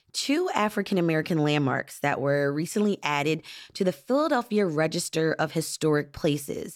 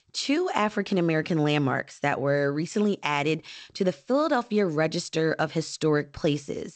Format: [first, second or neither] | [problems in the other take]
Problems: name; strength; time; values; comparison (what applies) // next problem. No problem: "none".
first | garbled, watery; slightly; nothing above 8 kHz